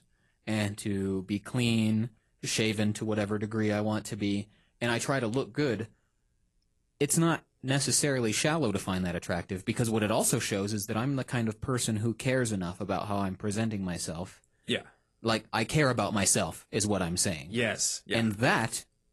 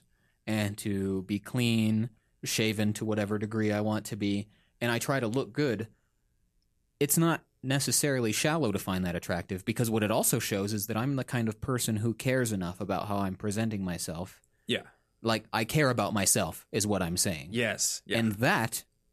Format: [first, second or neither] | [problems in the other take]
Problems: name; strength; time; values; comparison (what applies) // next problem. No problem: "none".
second | garbled, watery; slightly; nothing above 11.5 kHz